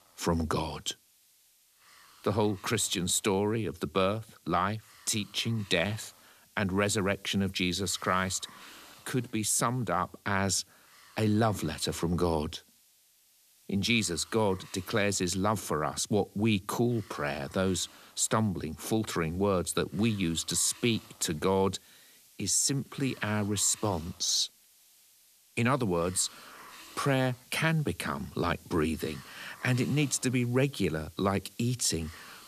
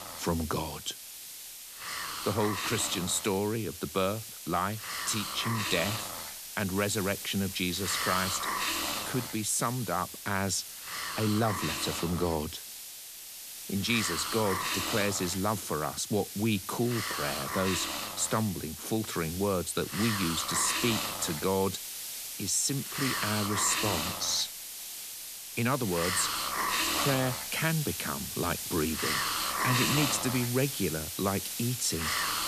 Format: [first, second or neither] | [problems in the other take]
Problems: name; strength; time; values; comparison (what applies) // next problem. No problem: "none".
first | hiss; loud; throughout; 2 dB below the speech; faint in the first